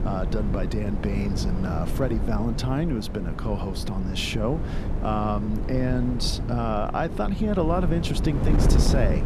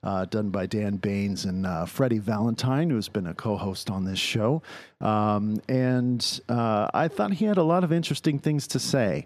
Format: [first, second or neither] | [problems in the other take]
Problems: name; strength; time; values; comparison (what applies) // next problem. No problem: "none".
second | wind noise on the microphone; heavy; 7 dB below the speech